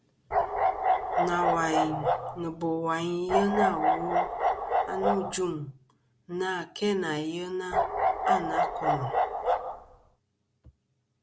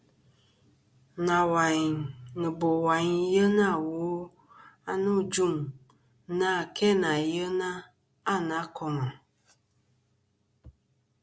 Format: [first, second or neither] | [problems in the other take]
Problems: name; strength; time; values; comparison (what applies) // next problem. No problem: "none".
second | background sound (Bark); 5 dB above the speech